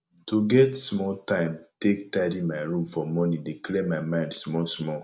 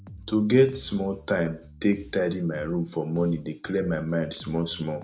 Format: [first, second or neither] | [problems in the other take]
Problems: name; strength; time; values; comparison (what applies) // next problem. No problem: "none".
first | background sound (Bass guitar); 20 dB below the speech